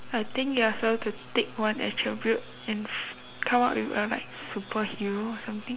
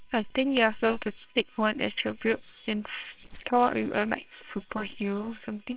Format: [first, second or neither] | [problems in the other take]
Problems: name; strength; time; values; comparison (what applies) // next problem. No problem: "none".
first | noise reduction (neural separator model SepFormer WHAMR!)